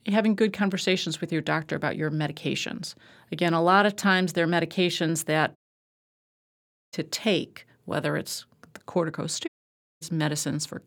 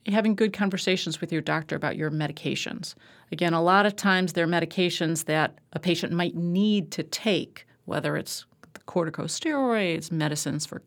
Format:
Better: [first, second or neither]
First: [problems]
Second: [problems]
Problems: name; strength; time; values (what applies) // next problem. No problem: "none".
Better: second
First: audio cutting out; at 5.5 s for 1.5 s and at 9.5 s for 0.5 s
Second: none